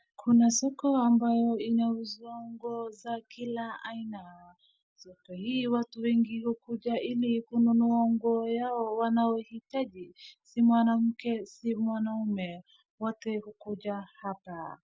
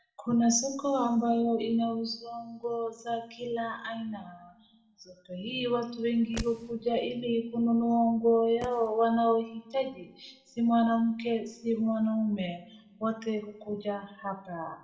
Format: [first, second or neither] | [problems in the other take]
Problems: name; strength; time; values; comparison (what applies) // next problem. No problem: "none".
first | background sound (Fireworks); 17 dB below the speech // room echo; dies away in 0.8 s